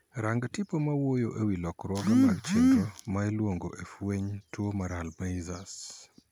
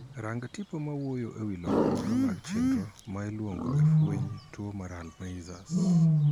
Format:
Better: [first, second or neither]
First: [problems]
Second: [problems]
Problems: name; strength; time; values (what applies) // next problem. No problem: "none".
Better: first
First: none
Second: background sound (Wild animals); 4 dB above the speech